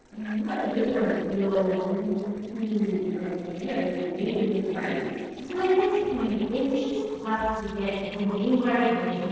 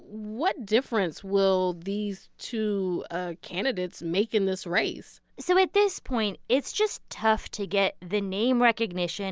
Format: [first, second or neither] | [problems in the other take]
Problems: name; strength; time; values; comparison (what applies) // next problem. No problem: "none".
second | noise reduction (neural separator model SepFormer DNS4)